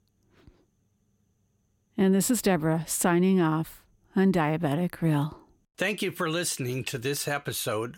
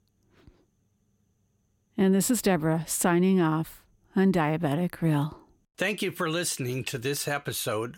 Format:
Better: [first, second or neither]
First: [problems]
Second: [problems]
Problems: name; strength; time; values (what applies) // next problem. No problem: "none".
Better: neither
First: none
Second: none